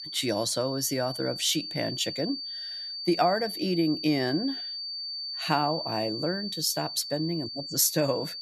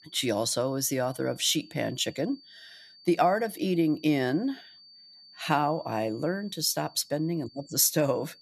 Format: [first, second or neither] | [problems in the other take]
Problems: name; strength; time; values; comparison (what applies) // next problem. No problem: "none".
second | high-pitched whine; loud; throughout; 4.5 kHz, 6 dB below the speech; faint in the second